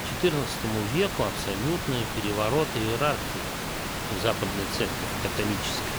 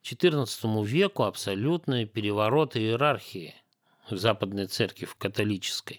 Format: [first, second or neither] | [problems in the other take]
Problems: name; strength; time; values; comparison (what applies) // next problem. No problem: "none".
second | hiss; loud; throughout; 2 dB below the speech